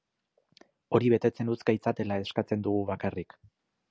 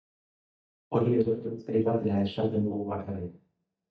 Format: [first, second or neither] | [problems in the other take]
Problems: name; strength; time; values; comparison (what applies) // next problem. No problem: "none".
first | noise reduction (neural mask model DeepFilterNet 3)